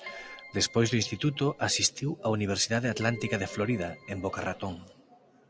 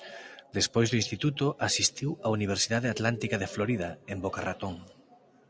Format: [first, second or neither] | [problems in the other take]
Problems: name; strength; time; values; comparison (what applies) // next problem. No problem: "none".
second | background sound (Keyboard (musical)); 20 dB below the speech